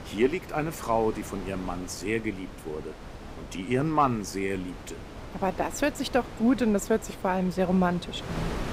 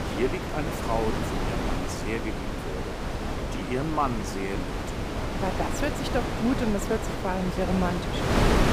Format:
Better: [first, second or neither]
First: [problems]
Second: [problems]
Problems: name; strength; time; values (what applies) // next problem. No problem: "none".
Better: first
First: wind noise on the microphone; occasional gusts; 15 dB below the speech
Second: wind noise on the microphone; heavy; as loud as the speech